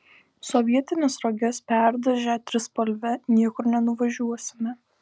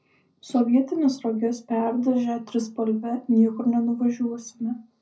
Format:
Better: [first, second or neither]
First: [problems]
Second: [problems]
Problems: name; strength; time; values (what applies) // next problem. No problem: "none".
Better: first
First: none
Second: room echo; dies away in 0.4 s